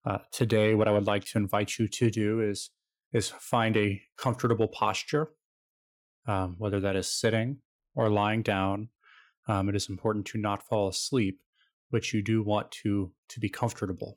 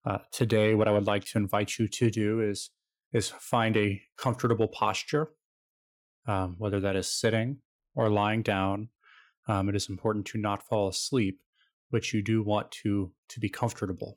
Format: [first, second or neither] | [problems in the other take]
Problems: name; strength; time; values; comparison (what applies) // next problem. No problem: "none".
neither | none